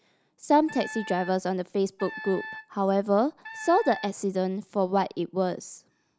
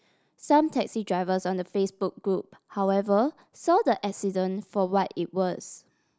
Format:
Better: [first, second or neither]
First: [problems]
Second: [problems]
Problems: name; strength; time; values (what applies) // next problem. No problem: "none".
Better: second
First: background sound (Wind instrument, woodwind instrument); 14 dB below the speech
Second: none